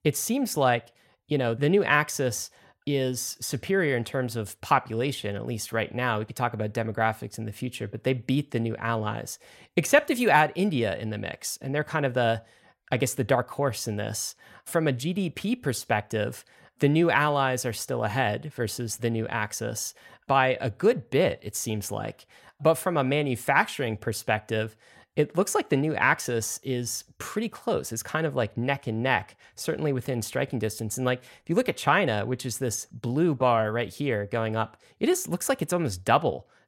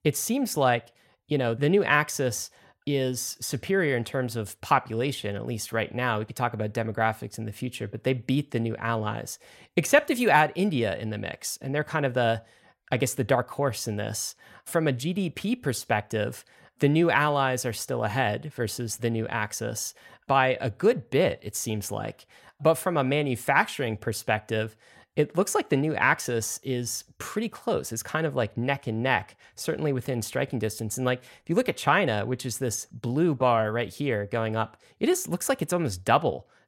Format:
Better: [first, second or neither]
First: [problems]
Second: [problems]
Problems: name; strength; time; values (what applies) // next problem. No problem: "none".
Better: neither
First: none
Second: none